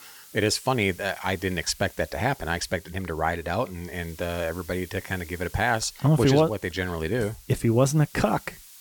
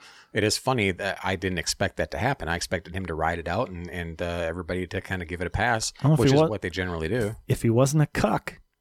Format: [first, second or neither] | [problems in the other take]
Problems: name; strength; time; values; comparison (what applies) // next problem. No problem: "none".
second | hiss; faint; throughout; 20 dB below the speech